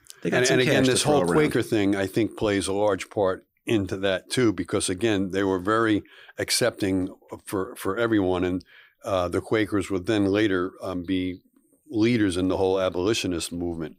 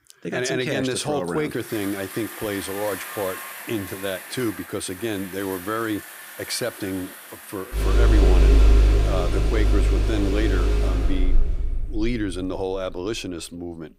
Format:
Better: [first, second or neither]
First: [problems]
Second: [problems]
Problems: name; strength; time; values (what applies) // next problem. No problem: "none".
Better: first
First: none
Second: traffic noise; very loud; throughout; 4 dB above the speech